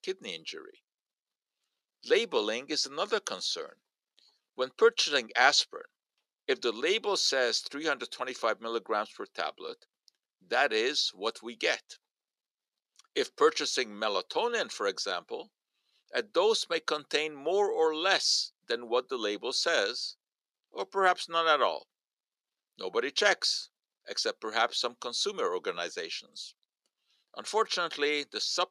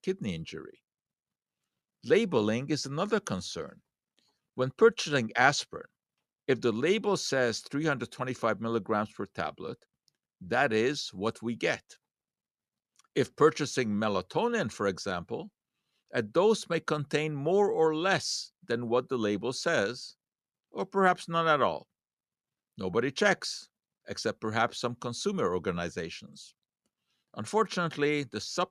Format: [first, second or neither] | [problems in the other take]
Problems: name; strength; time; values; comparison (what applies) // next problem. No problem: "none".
second | thin; somewhat; fading below 350 Hz